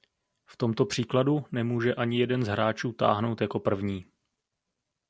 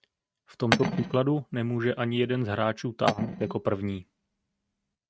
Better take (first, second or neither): first